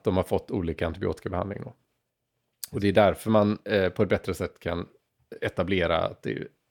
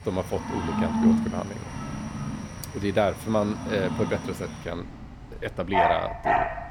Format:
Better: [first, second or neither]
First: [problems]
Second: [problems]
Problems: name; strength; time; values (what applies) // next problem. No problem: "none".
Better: first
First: none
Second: animal sounds; very loud; throughout; 1 dB above the speech